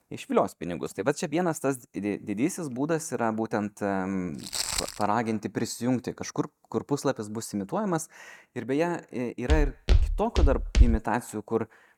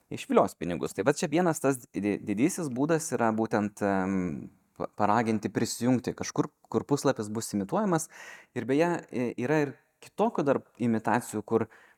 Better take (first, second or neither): second